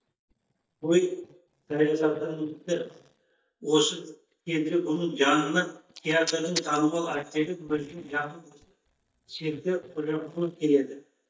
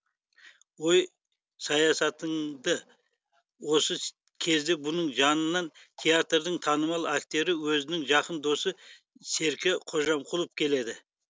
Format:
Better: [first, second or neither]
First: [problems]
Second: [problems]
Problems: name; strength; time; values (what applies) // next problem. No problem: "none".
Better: second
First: noise reduction (neural mask model DeepFilterNet 3)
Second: none